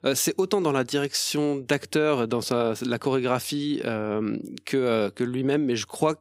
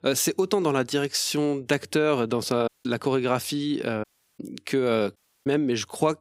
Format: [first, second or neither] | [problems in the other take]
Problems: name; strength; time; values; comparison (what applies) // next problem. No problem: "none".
first | audio cutting out; at 2.5 s, at 4 s and at 5 s